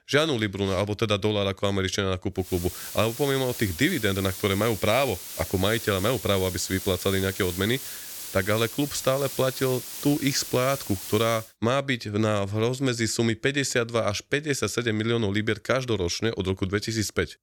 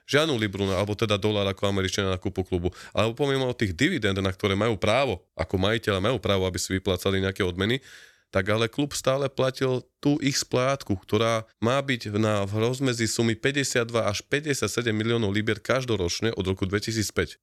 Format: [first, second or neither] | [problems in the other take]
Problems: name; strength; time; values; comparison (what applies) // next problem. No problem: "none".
second | hiss; loud; from 2.5 to 11 s; 9 dB below the speech